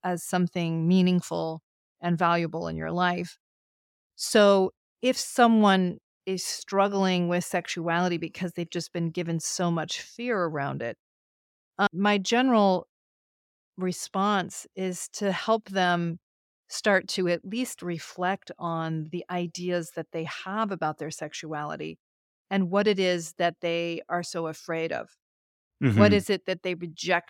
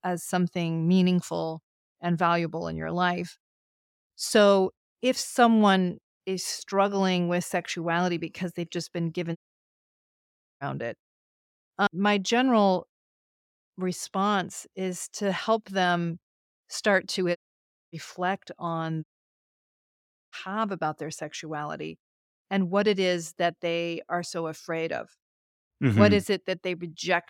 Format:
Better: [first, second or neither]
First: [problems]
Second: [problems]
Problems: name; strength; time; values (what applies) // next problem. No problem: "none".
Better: first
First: none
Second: audio cutting out; at 9.5 s for 1 s, at 17 s for 0.5 s and at 19 s for 1.5 s